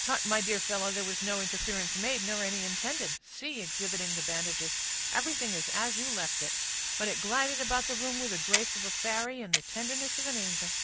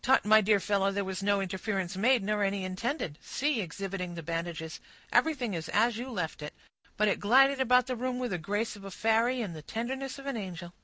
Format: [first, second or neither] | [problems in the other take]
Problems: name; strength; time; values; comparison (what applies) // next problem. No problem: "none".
second | background sound (Clock + Hiss); 4 dB above the speech